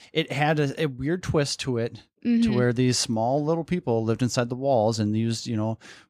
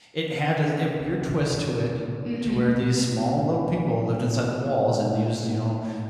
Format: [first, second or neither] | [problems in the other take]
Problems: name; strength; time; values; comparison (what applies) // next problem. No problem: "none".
first | room echo; noticeable; dies away in 2.5 s // off-mic speech; far